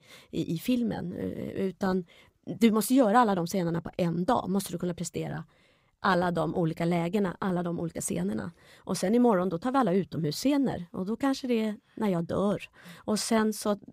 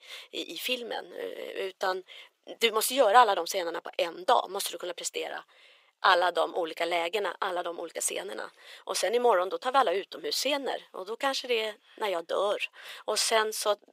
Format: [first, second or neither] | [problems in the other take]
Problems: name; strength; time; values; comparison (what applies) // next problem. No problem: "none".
first | thin; very; fading below 450 Hz